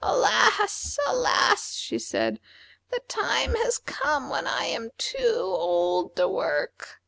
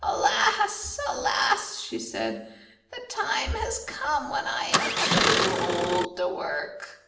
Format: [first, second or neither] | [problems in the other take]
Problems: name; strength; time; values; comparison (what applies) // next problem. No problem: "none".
first | background sound (Engine starting); 3 dB above the speech // room echo; dies away in 0.7 s